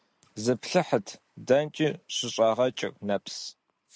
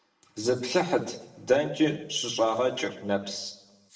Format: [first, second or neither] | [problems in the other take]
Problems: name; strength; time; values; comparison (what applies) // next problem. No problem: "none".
first | room echo; dies away in 0.8 s